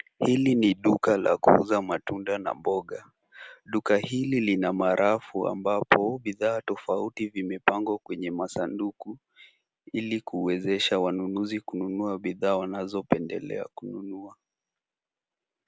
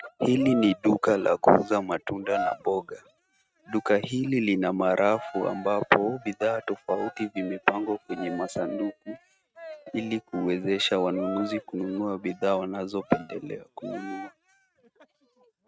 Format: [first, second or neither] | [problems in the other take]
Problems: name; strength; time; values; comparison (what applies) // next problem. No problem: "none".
first | noise reduction (neural mask model RNNoise)